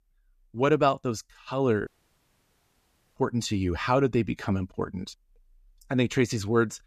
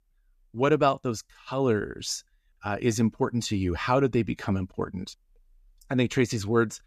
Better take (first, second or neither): second